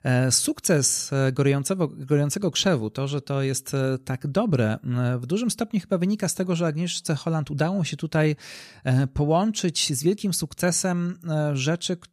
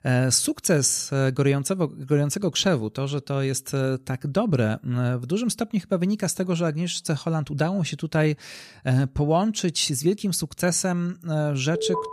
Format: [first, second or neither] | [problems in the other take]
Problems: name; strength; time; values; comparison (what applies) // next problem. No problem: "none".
first | alarm; noticeable; at 12 s; peak 4 dB below the speech